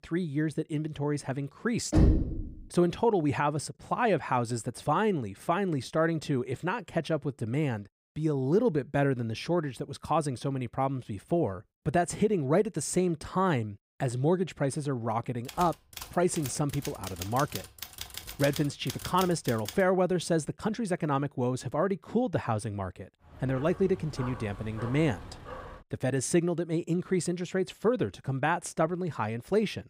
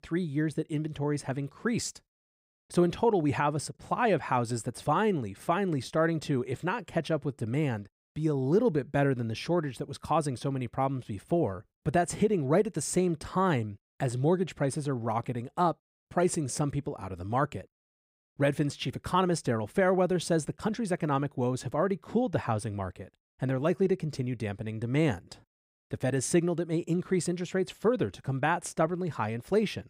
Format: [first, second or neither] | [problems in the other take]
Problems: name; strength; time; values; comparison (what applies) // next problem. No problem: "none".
second | door banging; loud; at 2 s; peak 5 dB above the speech // keyboard typing; noticeable; from 15 to 20 s; peak 8 dB below the speech // dog barking; faint; from 23 to 26 s; peak 10 dB below the speech